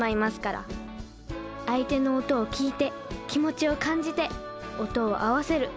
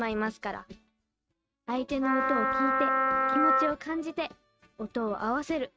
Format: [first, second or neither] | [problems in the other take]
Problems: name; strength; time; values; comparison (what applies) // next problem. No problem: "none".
first | noise reduction (neural mask model RNNoise)